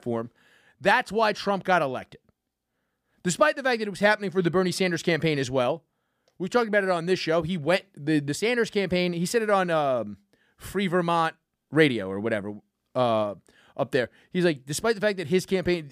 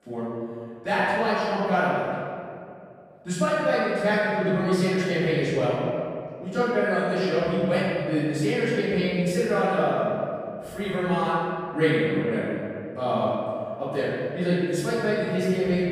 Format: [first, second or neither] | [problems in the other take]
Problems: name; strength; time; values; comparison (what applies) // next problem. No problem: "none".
first | off-mic speech; far // room echo; strong; dies away in 2.2 s